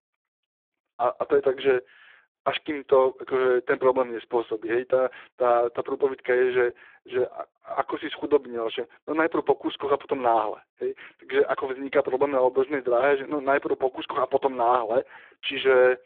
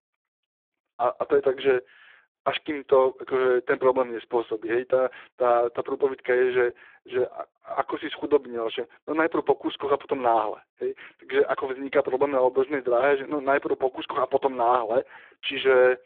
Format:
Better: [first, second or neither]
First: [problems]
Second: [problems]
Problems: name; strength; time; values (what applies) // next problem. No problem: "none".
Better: neither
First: phone-call audio; poor line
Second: phone-call audio; poor line